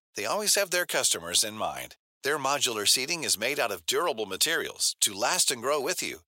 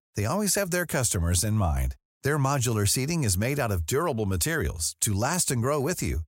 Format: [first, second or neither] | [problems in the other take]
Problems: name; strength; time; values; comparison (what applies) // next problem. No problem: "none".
second | thin; very; fading below 500 Hz